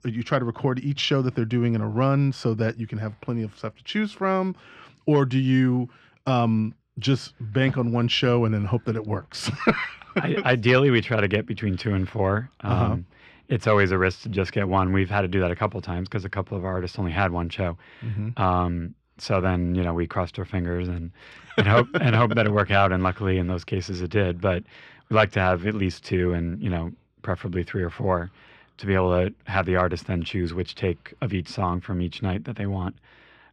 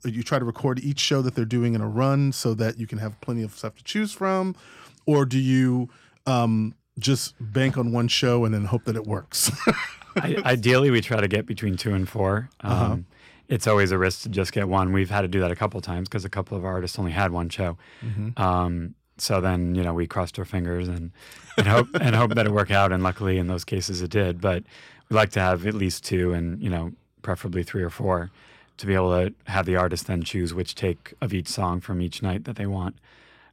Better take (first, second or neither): second